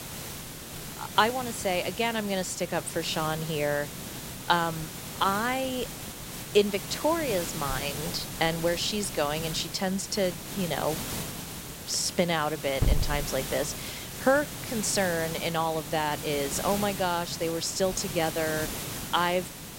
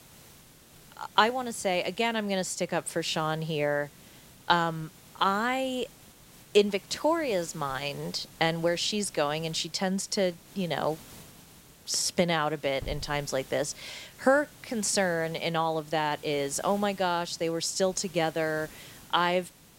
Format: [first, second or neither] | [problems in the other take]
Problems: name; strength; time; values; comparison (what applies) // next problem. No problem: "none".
second | hiss; loud; throughout; 7 dB below the speech; faint in the second